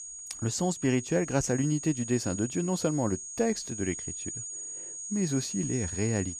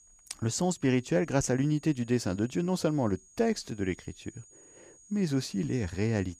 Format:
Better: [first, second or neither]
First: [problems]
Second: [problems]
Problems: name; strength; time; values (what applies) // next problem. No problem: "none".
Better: second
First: high-pitched whine; loud; throughout; 6.5 kHz, 7 dB below the speech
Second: high-pitched whine; faint; throughout; 6.5 kHz, 25 dB below the speech